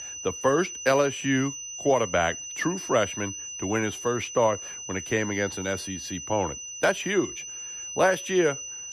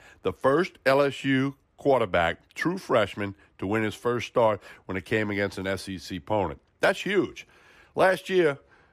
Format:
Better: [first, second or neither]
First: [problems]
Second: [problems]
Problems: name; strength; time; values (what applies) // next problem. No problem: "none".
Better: second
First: high-pitched whine; loud; throughout; 6 kHz, 8 dB below the speech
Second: none